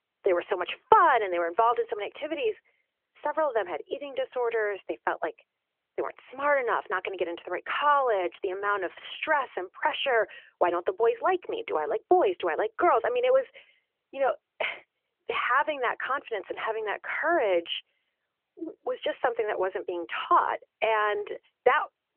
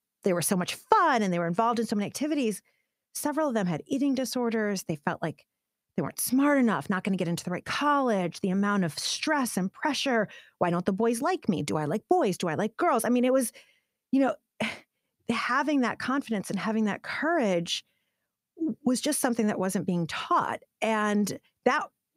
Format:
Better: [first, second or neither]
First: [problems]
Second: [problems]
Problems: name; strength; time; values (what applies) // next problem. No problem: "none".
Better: second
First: phone-call audio; nothing above 3.5 kHz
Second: none